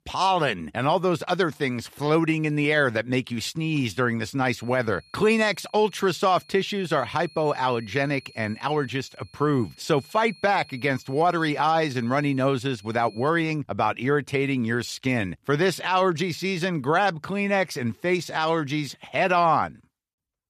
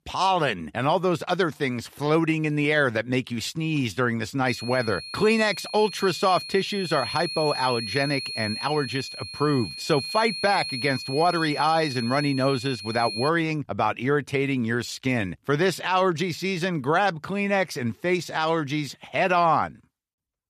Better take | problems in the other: first | high-pitched whine; loud; from 4.5 to 13 s; 4.5 kHz, 8 dB below the speech; faint in the first

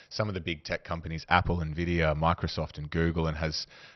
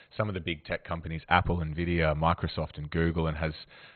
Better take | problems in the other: first | garbled, watery; badly; nothing above 4 kHz; slightly in the first

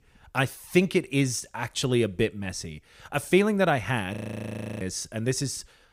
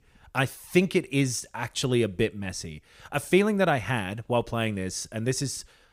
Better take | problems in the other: second | audio freezing; at 4 s for 0.5 s

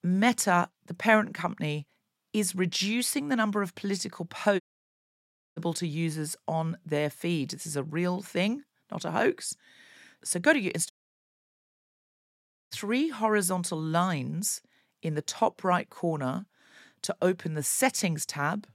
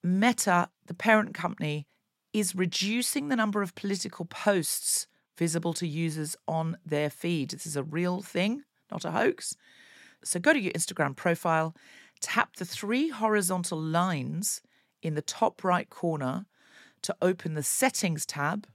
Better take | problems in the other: second | audio cutting out; at 4.5 s for 1 s and at 11 s for 2 s

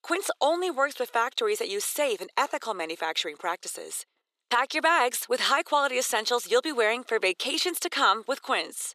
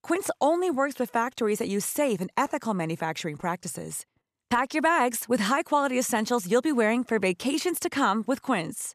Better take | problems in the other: second | thin; very; fading below 400 Hz

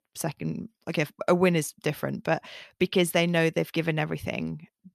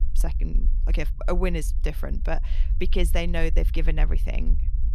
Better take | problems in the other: first | low rumble; noticeable; throughout; 20 dB below the speech

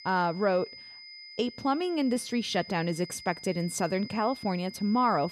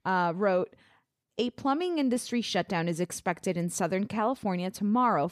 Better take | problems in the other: second | high-pitched whine; noticeable; throughout; 5 kHz, 15 dB below the speech

